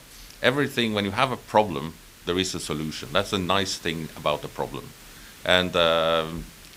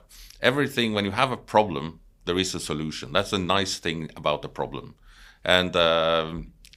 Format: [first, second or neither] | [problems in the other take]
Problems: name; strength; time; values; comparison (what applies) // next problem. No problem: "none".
second | hiss; faint; throughout; 20 dB below the speech